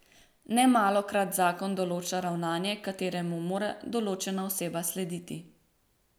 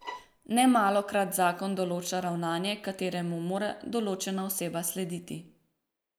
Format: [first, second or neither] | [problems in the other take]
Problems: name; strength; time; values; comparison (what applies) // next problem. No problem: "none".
first | noise reduction (neural mask model Resemble Enhance denoiser)